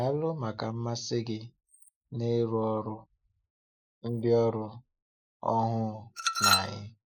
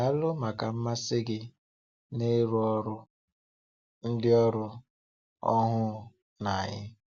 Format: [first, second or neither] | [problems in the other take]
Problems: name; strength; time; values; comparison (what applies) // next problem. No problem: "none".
second | noise reduction (neural mask model Resemble Enhance denoiser)